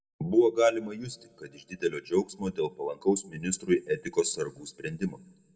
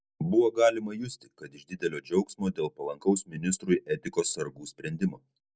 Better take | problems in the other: second | room echo; dies away in 0.9 s

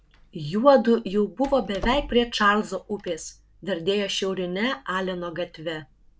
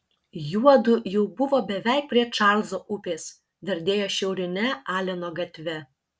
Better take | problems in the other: second | background sound (Door); 17 dB below the speech

